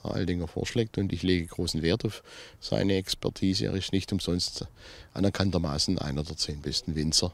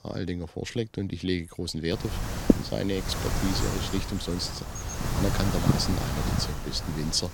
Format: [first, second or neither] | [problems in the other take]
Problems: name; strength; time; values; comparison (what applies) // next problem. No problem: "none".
first | wind noise on the microphone; heavy; from 2 s on; 1 dB below the speech